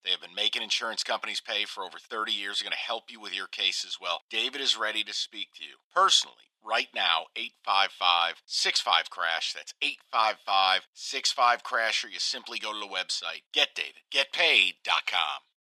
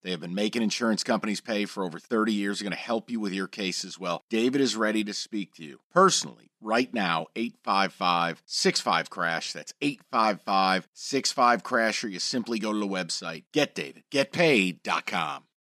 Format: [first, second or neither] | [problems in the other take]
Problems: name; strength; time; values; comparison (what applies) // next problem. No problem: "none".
second | thin; very; fading below 800 Hz